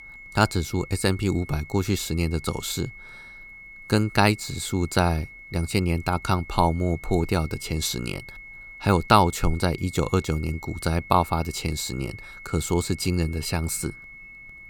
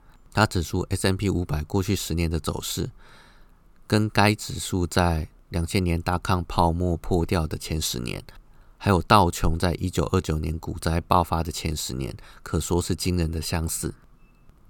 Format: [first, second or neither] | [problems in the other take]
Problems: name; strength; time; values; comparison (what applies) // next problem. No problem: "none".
second | high-pitched whine; noticeable; throughout; 2 kHz, 15 dB below the speech